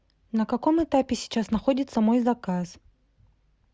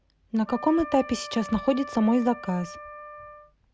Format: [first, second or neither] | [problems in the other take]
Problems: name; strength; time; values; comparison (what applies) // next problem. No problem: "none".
first | background sound (Wind instrument, woodwind instrument); 14 dB below the speech